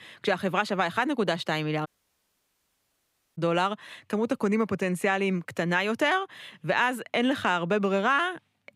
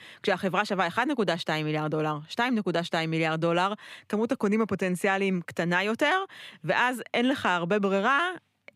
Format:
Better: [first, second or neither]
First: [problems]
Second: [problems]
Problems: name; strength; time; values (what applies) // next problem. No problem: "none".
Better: second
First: audio cutting out; at 2 s for 1.5 s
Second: none